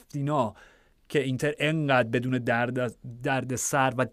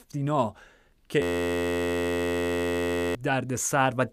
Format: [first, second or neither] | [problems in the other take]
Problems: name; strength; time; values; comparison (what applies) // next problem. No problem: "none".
first | audio freezing; at 1 s for 2 s